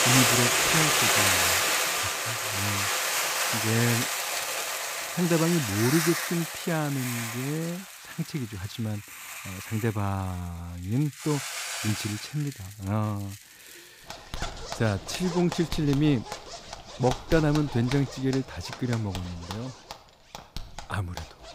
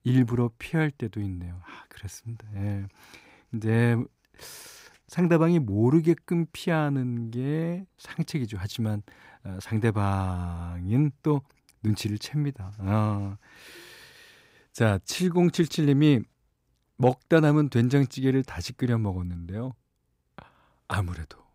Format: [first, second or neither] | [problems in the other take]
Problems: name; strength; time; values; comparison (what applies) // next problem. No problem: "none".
second | household noises; very loud; throughout; 3 dB above the speech